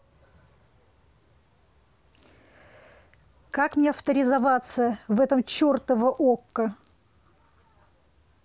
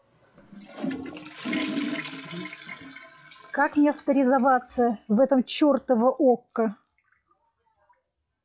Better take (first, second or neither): first